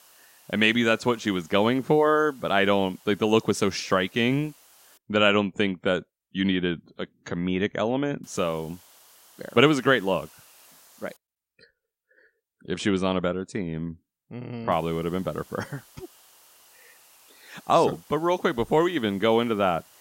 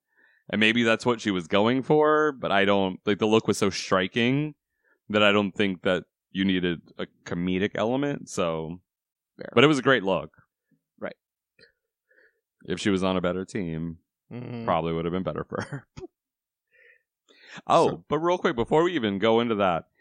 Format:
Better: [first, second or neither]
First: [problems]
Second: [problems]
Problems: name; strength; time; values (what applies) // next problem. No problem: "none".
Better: second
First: hiss; faint; until 5 s, from 8 to 11 s and from 15 s on; 30 dB below the speech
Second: none